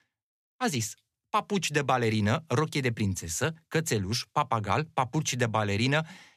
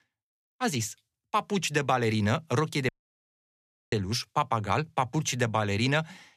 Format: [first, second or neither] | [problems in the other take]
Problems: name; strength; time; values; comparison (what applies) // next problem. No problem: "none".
first | audio cutting out; at 3 s for 1 s